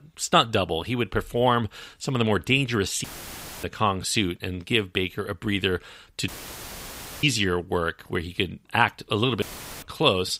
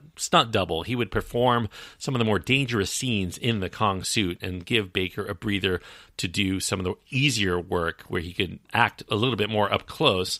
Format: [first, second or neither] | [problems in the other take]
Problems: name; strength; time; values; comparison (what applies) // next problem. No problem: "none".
second | audio cutting out; filled with static; at 3 s for 0.5 s, at 6.5 s for 1 s and at 9.5 s